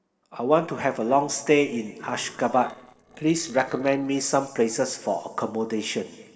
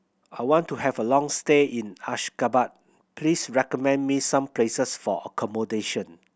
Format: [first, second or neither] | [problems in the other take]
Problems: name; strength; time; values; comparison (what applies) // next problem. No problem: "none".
second | noise reduction (neural separator model SepFormer DNS4)